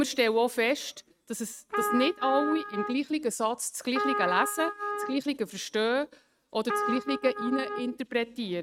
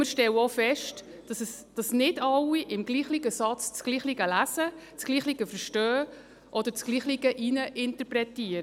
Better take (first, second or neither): second